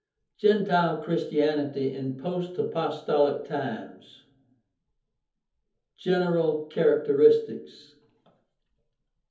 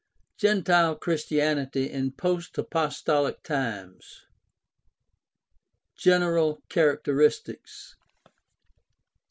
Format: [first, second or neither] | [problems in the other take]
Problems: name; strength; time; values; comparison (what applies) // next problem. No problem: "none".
second | room echo; dies away in 0.7 s